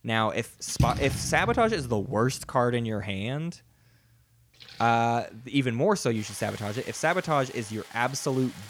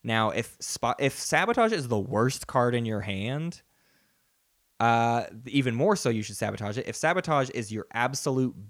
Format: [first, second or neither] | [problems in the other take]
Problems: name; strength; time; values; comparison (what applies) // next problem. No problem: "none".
second | rain or running water; loud; throughout; 10 dB below the speech